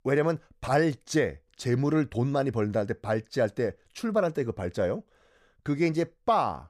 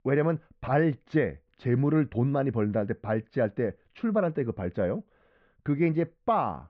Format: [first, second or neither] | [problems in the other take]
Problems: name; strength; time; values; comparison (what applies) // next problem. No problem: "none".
first | muffled; very; fading above 3 kHz